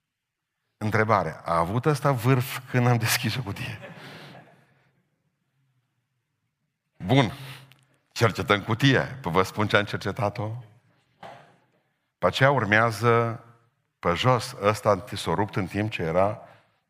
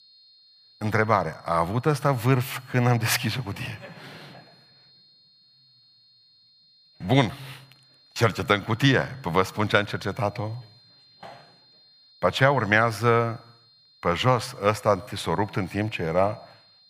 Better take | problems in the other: first | high-pitched whine; faint; throughout; 4 kHz, 30 dB below the speech

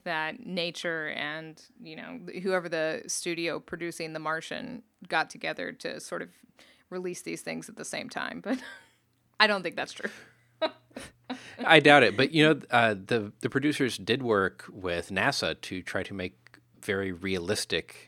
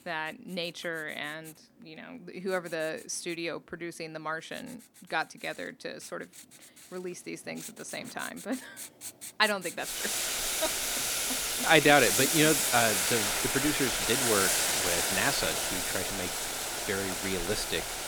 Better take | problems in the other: first | household noises; very loud; throughout; 3 dB above the speech

